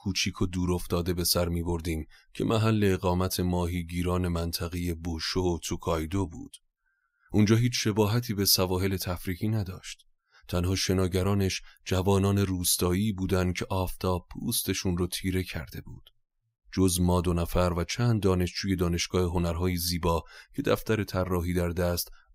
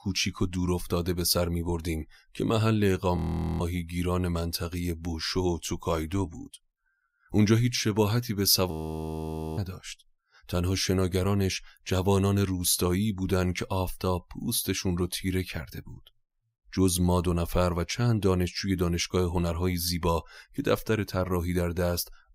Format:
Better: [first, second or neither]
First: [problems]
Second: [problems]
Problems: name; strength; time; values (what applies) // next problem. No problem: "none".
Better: first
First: none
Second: audio freezing; at 3 s and at 8.5 s for 1 s